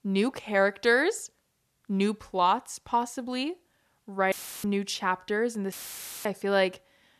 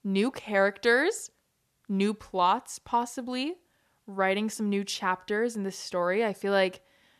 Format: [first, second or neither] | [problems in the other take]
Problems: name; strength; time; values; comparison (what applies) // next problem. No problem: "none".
second | audio cutting out; filled with static; at 4.5 s and at 5.5 s for 0.5 s